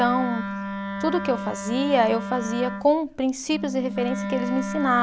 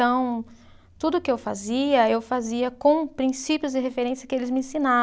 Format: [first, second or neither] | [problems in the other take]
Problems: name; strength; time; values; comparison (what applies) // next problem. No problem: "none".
second | background sound (Wind instrument, woodwind instrument); 7 dB below the speech